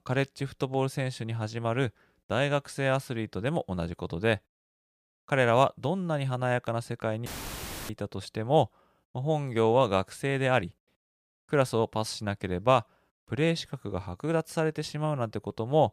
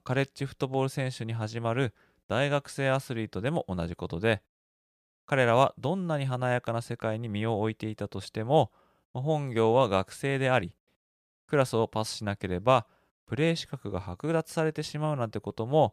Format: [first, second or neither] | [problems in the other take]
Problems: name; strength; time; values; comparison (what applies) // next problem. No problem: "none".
second | audio cutting out; filled with static; at 7.5 s for 0.5 s